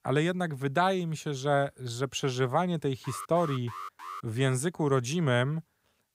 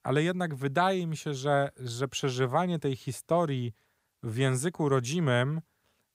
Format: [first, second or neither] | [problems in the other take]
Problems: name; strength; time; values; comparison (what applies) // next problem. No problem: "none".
second | alarm; faint; from 3 to 4 s; peak 10 dB below the speech